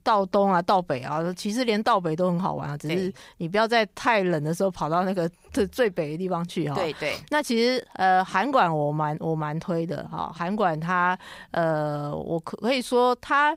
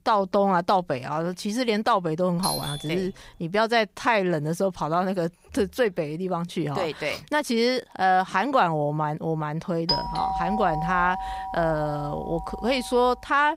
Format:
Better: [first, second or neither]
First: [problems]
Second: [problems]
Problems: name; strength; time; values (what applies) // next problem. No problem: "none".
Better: first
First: none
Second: doorbell; noticeable; at 2.5 s and from 10 to 13 s; peak level with the speech